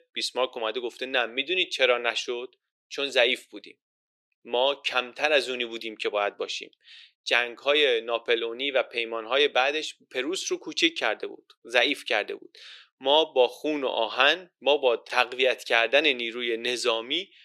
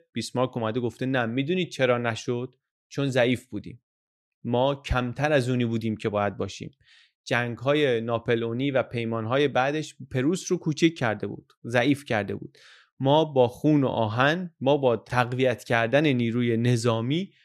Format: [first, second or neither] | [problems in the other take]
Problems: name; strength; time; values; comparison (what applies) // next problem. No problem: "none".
second | thin; very; fading below 400 Hz